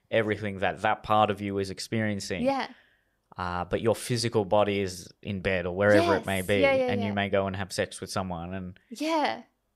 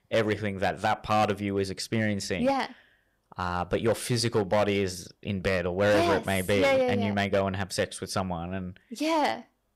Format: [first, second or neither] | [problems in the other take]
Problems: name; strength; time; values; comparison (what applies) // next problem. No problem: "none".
first | distortion; slight; 5% of the sound clipped